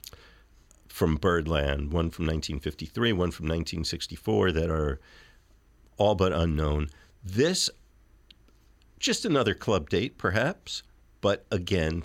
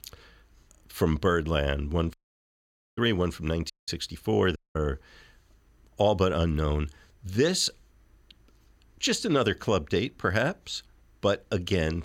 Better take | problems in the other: first | audio cutting out; at 2 s for 1 s, at 3.5 s and at 4.5 s

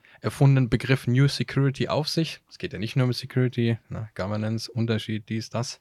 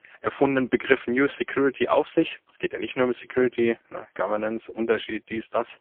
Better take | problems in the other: first | phone-call audio; poor line; nothing above 3.5 kHz

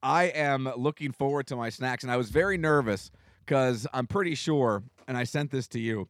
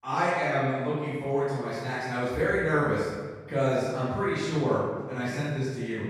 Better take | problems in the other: first | room echo; strong; dies away in 1.2 s // off-mic speech; far

